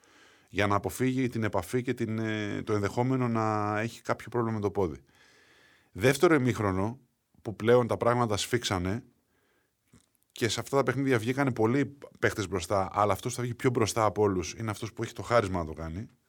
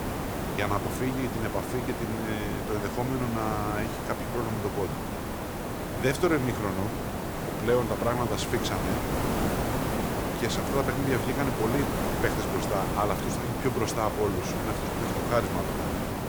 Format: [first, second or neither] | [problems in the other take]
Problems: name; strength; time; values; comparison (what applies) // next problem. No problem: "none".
first | hiss; loud; throughout; as loud as the speech